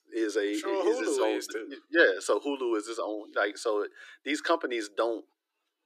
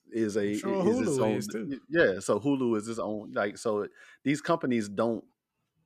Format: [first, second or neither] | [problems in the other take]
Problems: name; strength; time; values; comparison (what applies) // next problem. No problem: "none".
second | thin; somewhat; fading below 300 Hz